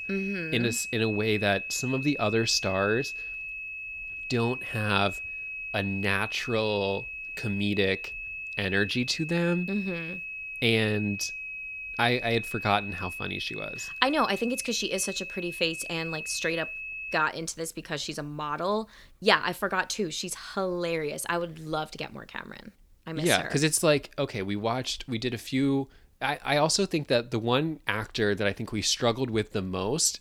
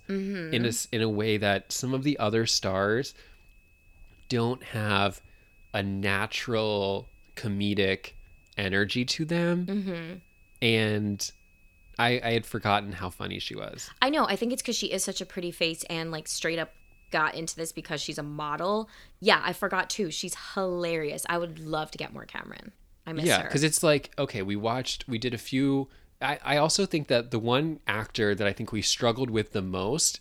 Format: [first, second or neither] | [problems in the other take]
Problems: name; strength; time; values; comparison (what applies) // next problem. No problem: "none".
second | high-pitched whine; loud; until 17 s; 2.5 kHz, 7 dB below the speech; faint in the second